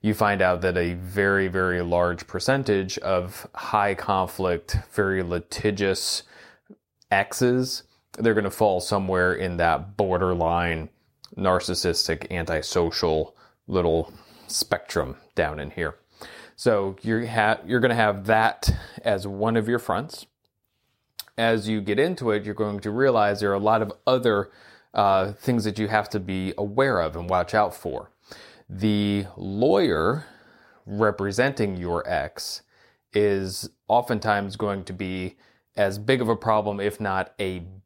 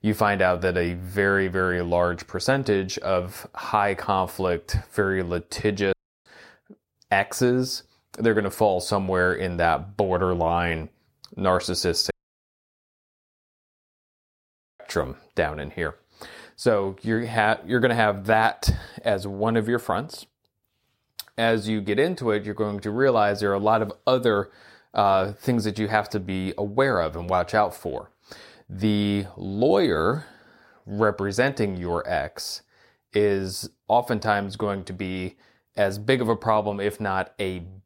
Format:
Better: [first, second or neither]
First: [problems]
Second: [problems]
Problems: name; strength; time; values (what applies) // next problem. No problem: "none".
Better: first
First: none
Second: audio cutting out; at 6 s and at 12 s for 2.5 s